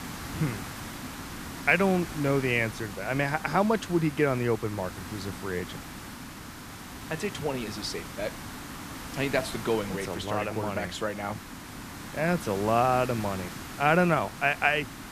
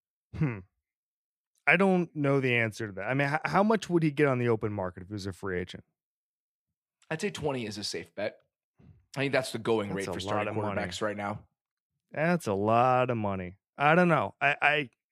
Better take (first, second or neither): second